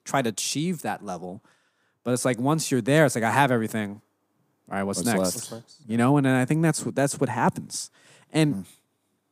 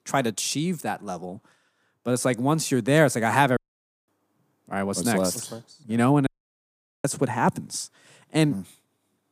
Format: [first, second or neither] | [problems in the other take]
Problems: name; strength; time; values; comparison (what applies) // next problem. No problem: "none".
first | audio cutting out; at 3.5 s for 0.5 s and at 6.5 s for 1 s